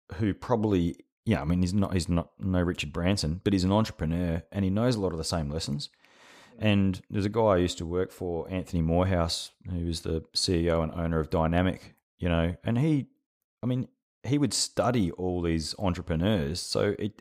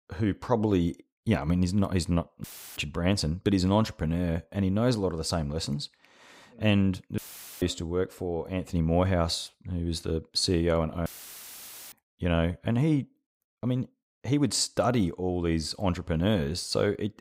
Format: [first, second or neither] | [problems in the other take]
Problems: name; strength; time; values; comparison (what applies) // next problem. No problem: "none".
first | audio cutting out; filled with static; at 2.5 s, at 7 s and at 11 s for 1 s